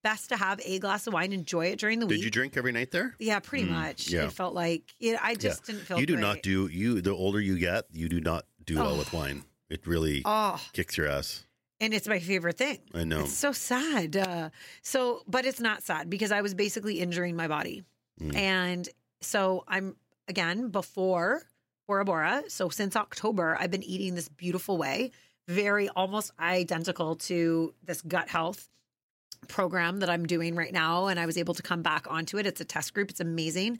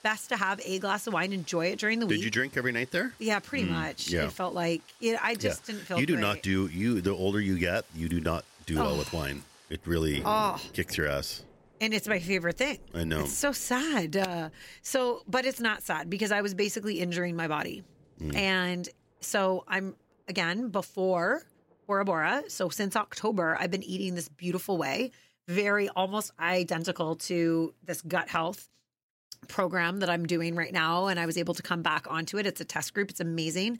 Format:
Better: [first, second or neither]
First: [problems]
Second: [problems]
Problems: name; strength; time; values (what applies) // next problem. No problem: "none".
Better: first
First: none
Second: rain or running water; faint; until 23 s; 25 dB below the speech